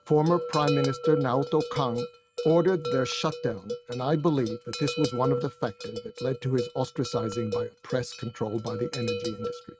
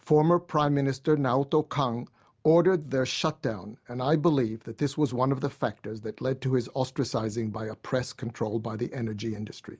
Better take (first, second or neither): second